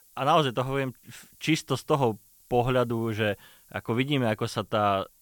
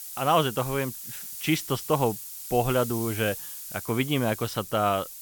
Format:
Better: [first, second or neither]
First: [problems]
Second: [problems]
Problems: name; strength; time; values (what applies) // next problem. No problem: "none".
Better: first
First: hiss; faint; throughout; 30 dB below the speech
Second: hiss; loud; throughout; 9 dB below the speech